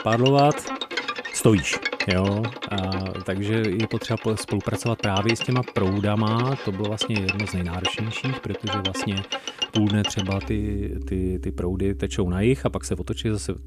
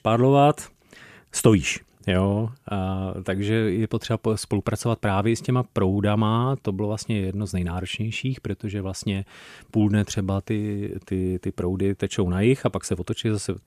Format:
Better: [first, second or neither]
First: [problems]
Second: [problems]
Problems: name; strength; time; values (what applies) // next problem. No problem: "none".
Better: second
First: background music; loud; throughout; 6 dB below the speech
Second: none